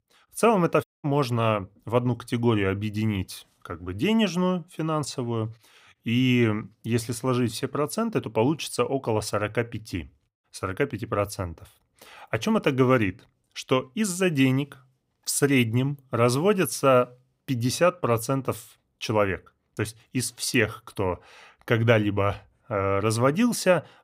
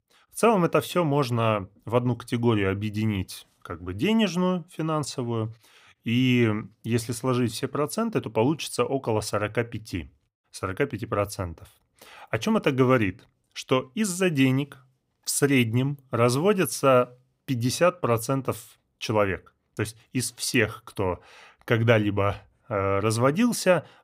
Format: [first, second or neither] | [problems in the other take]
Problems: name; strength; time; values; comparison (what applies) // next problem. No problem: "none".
second | audio cutting out; at 1 s